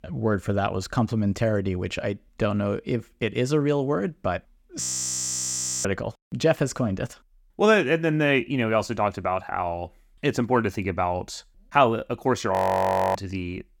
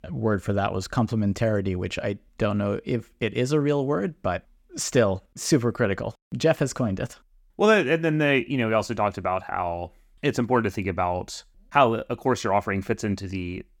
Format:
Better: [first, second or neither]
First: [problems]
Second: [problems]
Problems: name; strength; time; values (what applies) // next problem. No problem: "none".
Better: second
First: audio freezing; at 5 s for 1 s and at 13 s for 0.5 s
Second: none